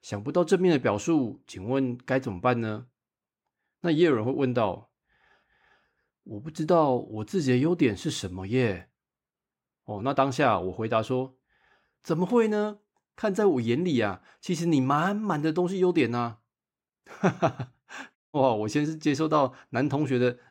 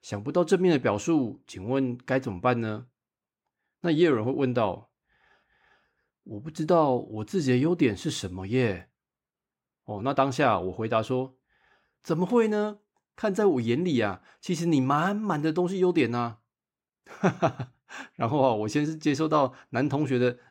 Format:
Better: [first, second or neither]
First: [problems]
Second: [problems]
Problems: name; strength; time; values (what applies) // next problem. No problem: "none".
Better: second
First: audio cutting out; at 18 s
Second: none